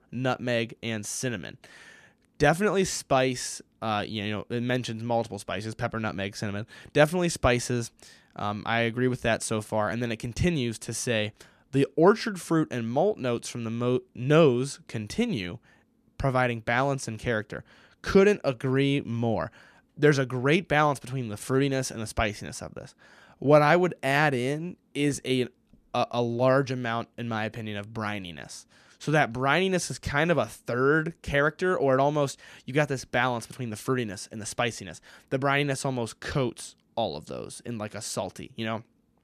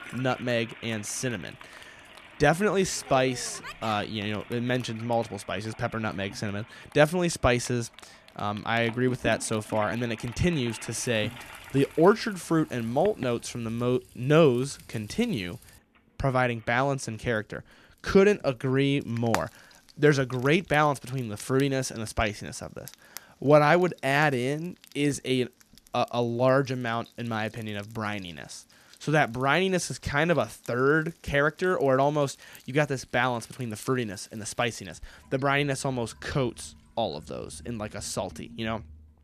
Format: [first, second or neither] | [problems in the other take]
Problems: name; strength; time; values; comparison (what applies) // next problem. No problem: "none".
first | household noises; noticeable; throughout; 20 dB below the speech